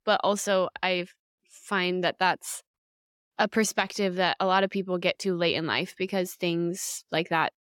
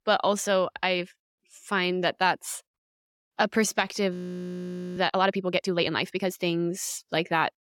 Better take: first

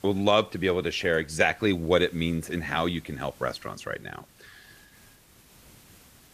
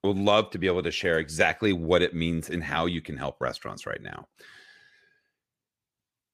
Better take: second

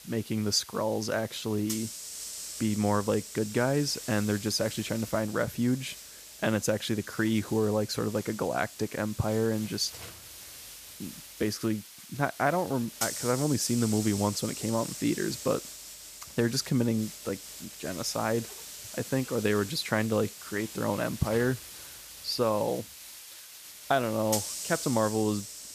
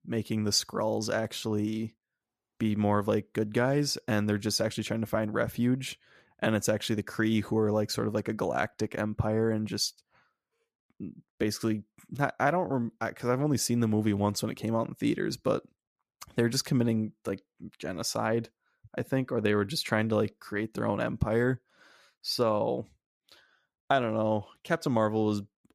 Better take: second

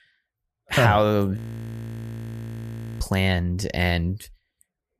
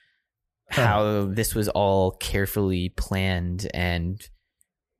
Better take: second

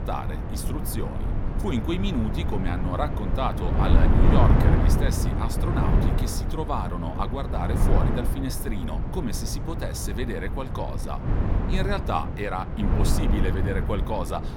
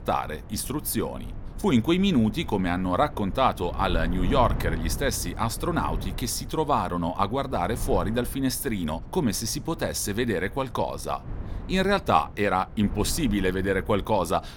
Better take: second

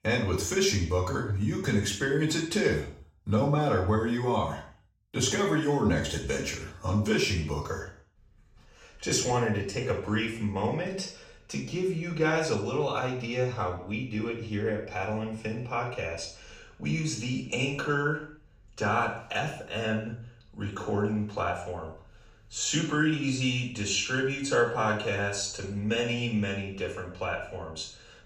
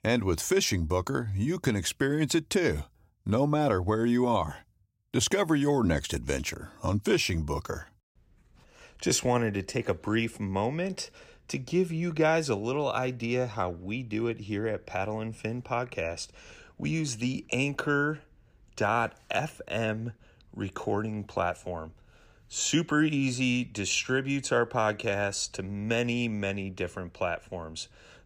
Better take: second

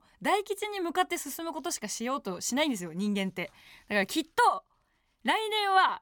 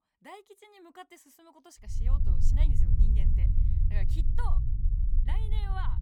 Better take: first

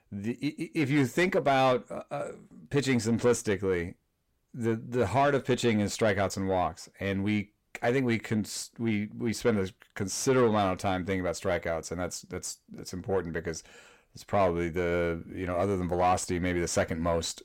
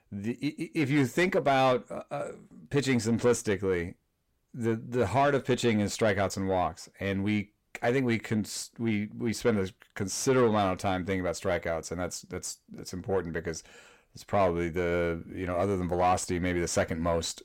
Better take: neither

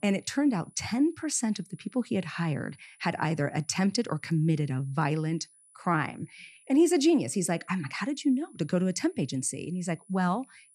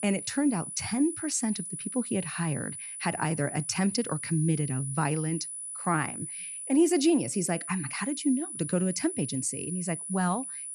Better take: first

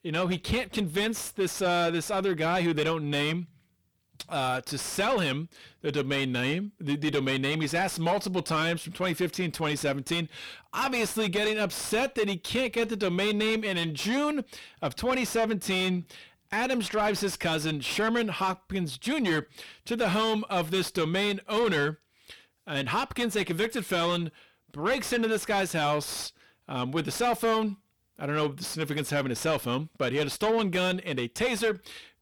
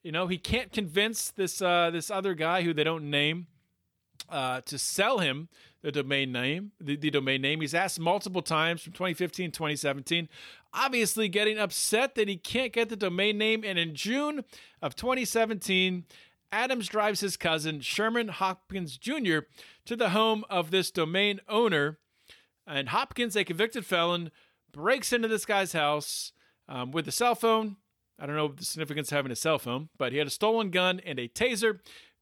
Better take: second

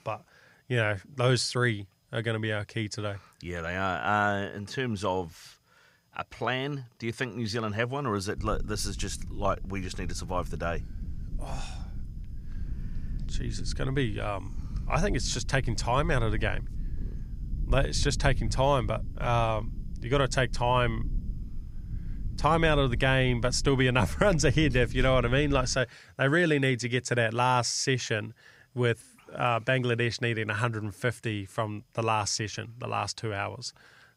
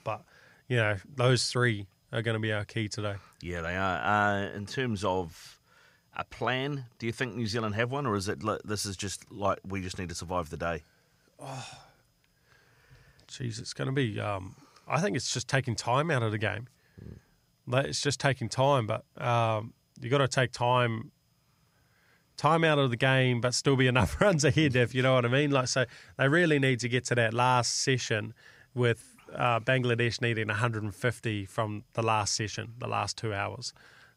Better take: second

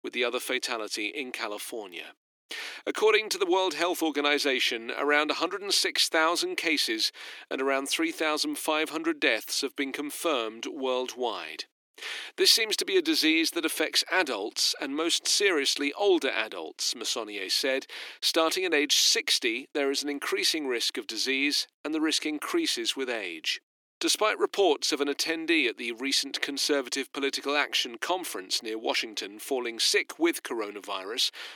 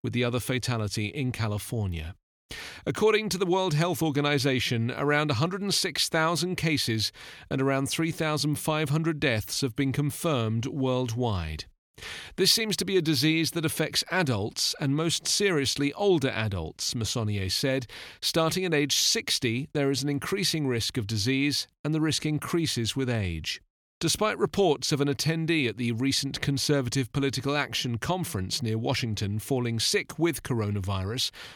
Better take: second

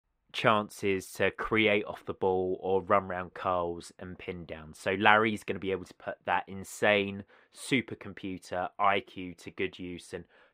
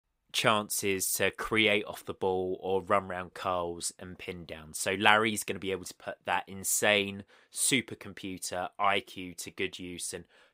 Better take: second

